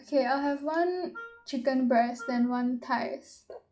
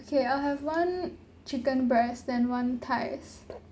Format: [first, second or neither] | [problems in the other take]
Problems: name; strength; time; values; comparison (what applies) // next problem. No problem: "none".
second | noise reduction (classical method log-MMSE)